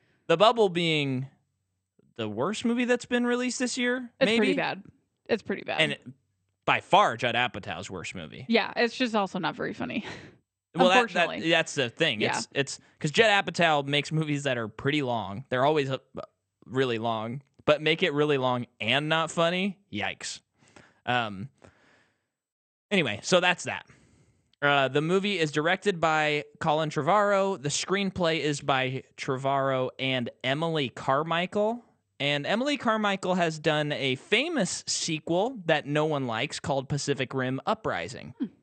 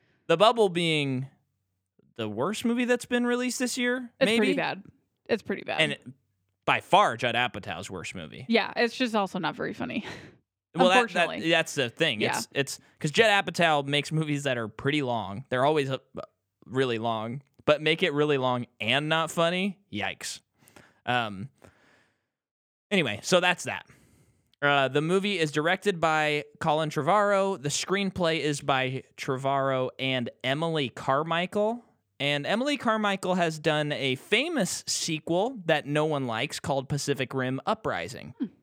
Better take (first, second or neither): second